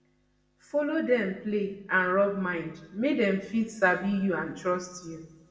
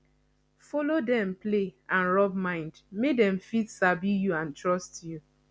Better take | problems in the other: second | room echo; dies away in 0.8 s

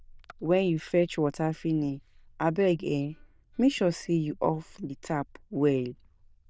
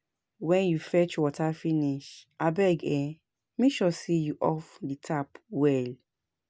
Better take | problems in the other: second | noise reduction (neural diffusion model UNIVERSE++)

